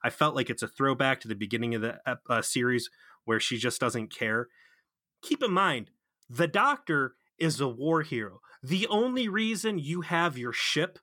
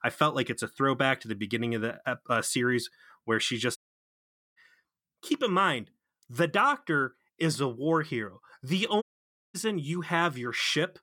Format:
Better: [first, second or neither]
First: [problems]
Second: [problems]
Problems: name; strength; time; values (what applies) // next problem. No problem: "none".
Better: first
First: none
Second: audio cutting out; at 4 s for 1 s and at 9 s for 0.5 s